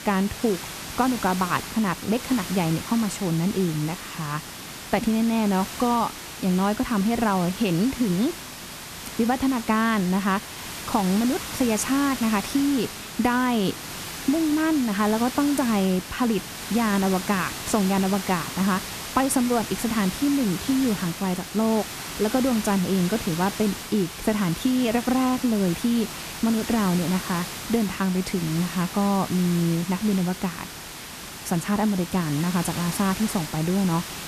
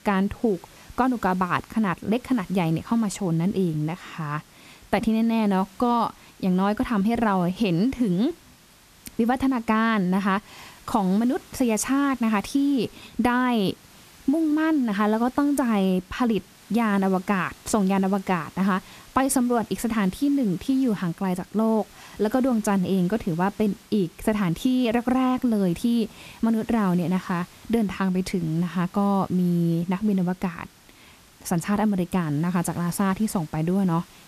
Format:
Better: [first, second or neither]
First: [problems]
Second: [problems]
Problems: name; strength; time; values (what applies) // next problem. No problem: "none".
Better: second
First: hiss; loud; throughout; 9 dB below the speech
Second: hiss; faint; throughout; 25 dB below the speech